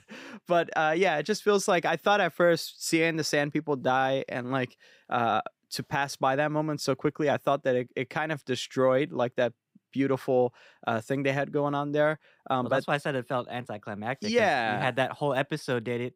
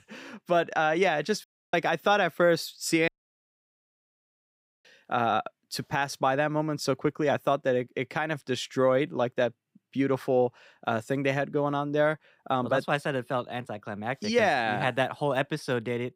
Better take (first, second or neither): first